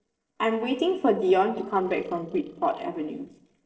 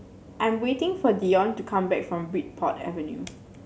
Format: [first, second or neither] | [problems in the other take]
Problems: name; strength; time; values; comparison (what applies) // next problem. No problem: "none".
second | noise reduction (neural separator model SepFormer DNS4)